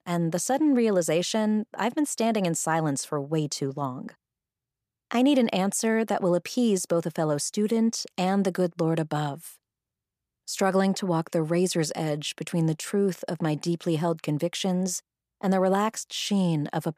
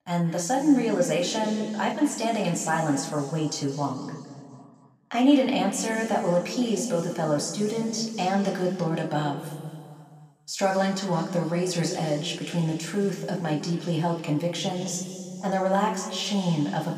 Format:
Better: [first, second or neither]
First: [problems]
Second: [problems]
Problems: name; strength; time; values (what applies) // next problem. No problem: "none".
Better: first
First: none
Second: room echo; noticeable; dies away in 2.3 s // off-mic speech; somewhat distant